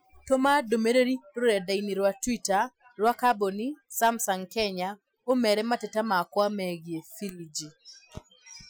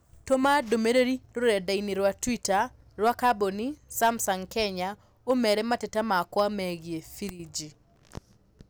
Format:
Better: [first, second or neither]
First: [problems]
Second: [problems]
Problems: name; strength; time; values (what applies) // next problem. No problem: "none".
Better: second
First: noise reduction (classical method Wiener filter)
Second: none